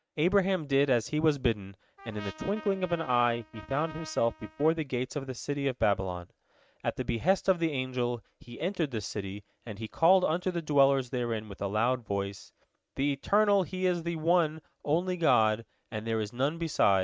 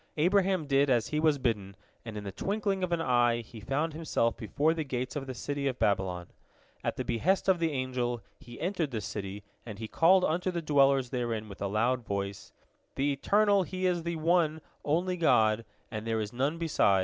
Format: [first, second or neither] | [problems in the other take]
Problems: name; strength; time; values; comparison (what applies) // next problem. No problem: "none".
second | noise reduction (neural mask model RNNoise)